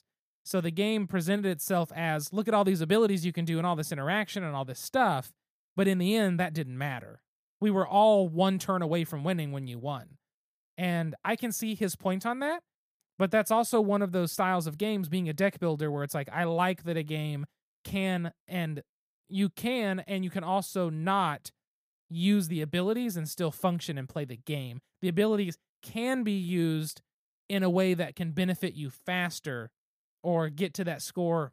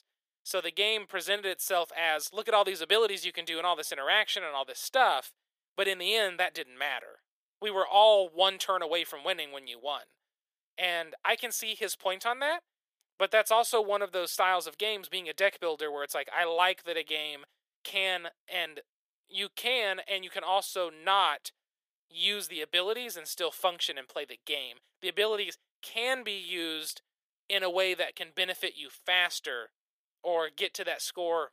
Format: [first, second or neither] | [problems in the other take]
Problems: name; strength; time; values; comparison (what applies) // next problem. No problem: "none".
first | thin; very; fading below 450 Hz